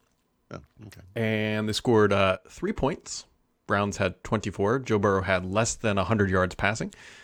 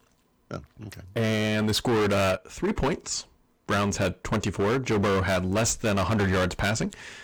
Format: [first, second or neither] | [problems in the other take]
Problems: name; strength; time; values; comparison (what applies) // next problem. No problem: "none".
first | distortion; heavy; 18% of the sound clipped